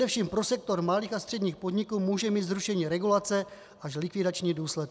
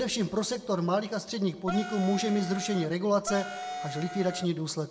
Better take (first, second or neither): first